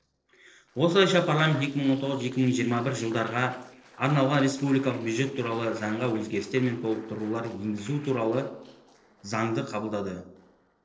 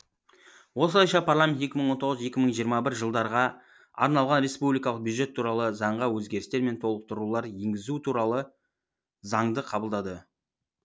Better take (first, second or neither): second